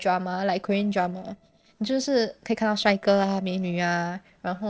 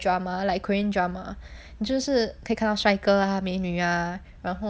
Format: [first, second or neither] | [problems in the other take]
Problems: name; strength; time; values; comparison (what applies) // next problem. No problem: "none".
second | noise reduction (neural separator model SepFormer DNS4)